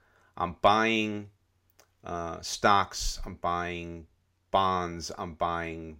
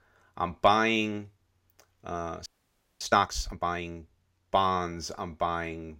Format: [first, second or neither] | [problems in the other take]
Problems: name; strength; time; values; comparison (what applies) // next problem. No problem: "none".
first | audio freezing; at 2.5 s for 0.5 s